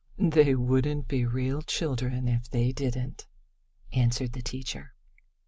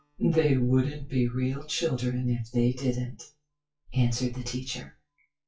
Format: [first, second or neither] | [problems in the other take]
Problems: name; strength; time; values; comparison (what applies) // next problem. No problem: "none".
first | noise reduction (classical method WPE with log-MMSE)